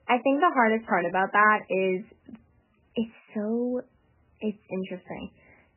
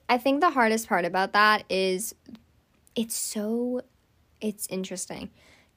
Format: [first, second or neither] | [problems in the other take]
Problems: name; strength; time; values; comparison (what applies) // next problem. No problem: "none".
second | garbled, watery; badly; nothing above 3 kHz